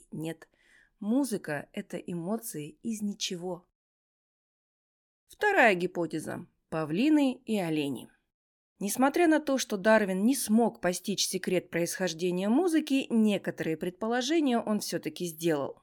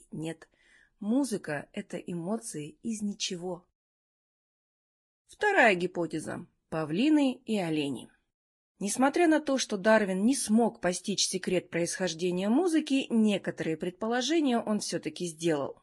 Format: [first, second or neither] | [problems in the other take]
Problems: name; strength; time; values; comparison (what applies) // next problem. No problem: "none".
first | garbled, watery; slightly; nothing above 10.5 kHz